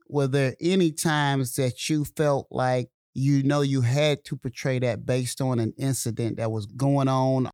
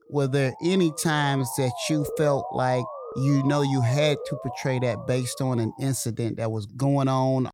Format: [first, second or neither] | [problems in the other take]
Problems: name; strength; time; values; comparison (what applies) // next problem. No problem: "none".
first | siren; noticeable; until 6 s; peak 7 dB below the speech